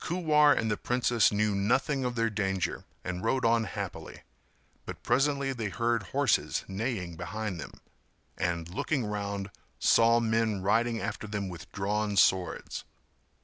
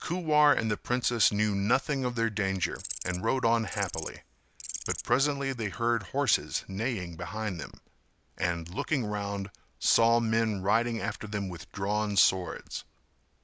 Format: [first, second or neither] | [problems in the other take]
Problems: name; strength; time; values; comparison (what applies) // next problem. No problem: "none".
first | background sound (Insect); 11 dB below the speech